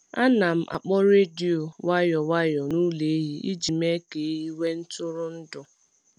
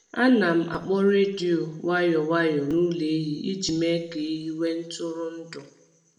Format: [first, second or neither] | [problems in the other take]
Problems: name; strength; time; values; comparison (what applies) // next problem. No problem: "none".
first | room echo; dies away in 0.7 s